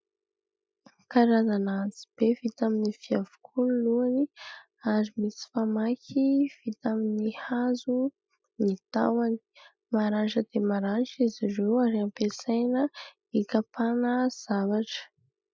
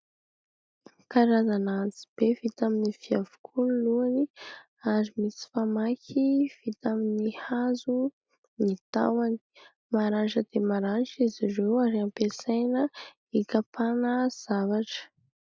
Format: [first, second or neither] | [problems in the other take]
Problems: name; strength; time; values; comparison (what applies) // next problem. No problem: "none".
second | noise reduction (classical method Wiener filter)